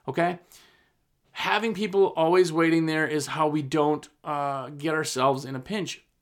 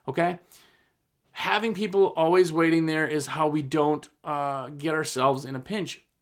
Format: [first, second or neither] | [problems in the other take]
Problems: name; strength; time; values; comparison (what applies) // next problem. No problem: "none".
first | garbled, watery; slightly; nothing above 15.5 kHz